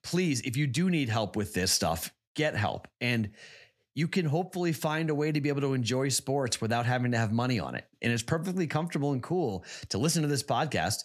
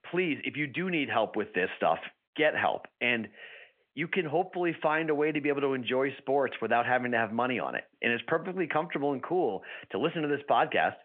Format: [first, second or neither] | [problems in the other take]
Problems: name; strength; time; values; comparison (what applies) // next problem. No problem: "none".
first | phone-call audio; nothing above 3 kHz